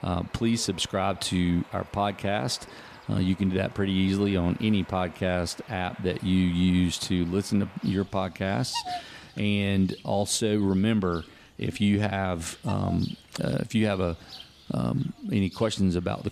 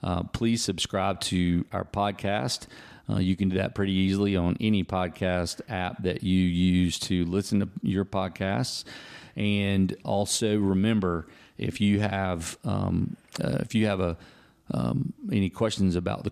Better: second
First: animal sounds; noticeable; throughout; 20 dB below the speech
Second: none

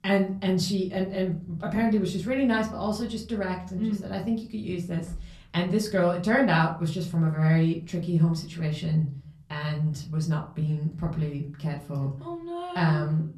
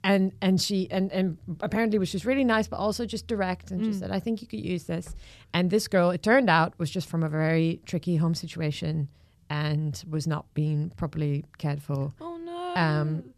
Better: second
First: off-mic speech; far // room echo; very slight; dies away in 0.3 s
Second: none

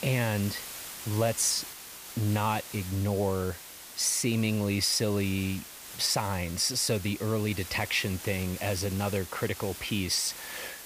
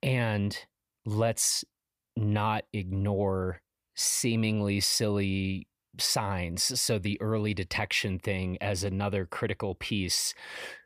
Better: second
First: hiss; noticeable; throughout; 10 dB below the speech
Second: none

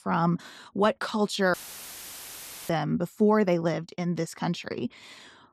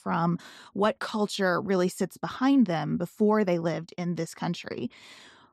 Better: second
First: audio cutting out; filled with static; at 1.5 s for 1 s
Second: none

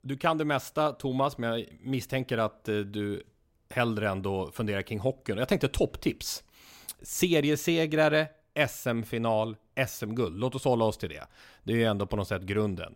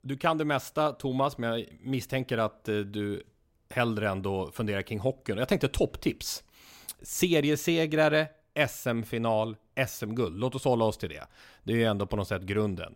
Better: neither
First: none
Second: none

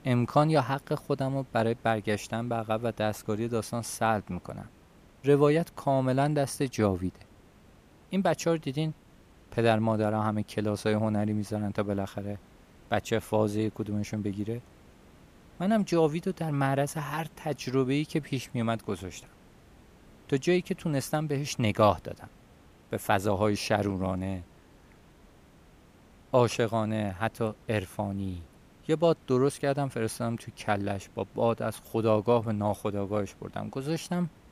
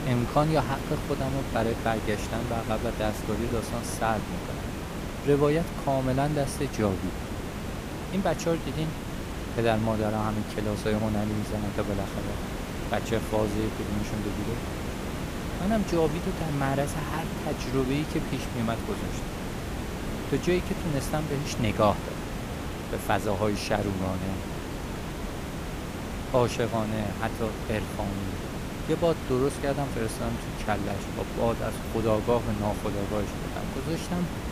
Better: first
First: hiss; faint; throughout; 25 dB below the speech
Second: hiss; loud; throughout; 5 dB below the speech

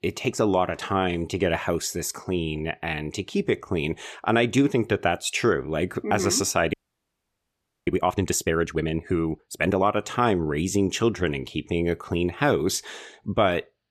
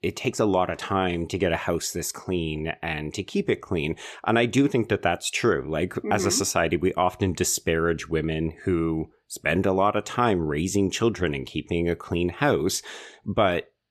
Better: second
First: audio freezing; at 6.5 s for 1 s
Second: none

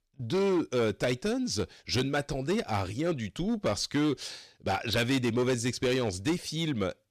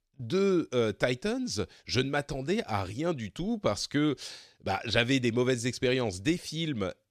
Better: second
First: distortion; slight; 9% of the sound clipped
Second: none

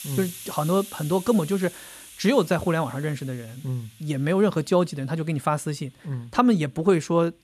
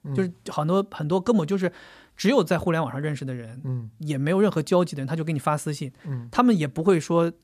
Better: second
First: hiss; noticeable; throughout; 15 dB below the speech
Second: none

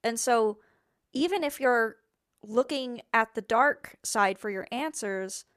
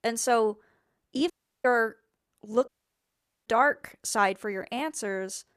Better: first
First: none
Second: audio cutting out; at 1.5 s and at 2.5 s for 1 s

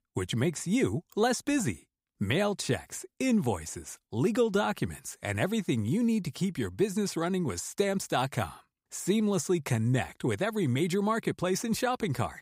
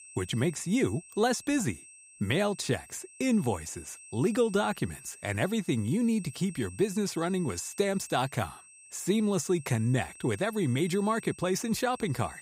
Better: first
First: none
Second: high-pitched whine; noticeable; throughout; 8 kHz, 20 dB below the speech

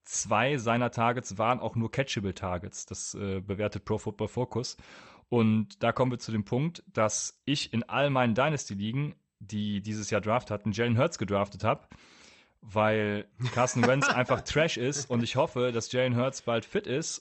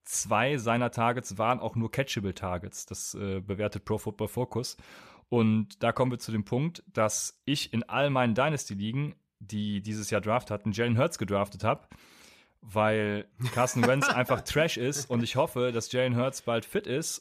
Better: second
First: garbled, watery; slightly; nothing above 8 kHz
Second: none

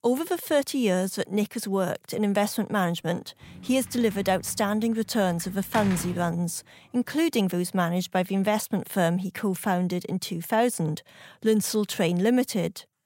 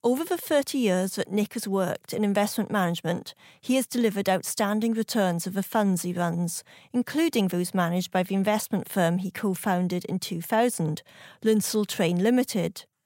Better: second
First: door banging; noticeable; from 3.5 to 6.5 s; peak 7 dB below the speech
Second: none

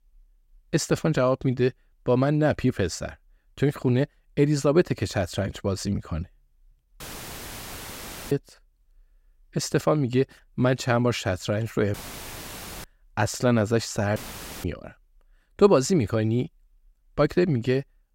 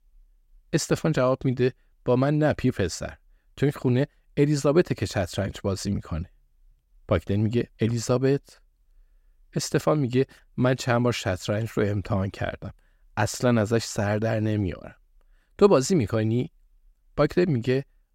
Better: second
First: audio cutting out; filled with static; at 7 s for 1.5 s, at 12 s for 1 s and at 14 s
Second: none

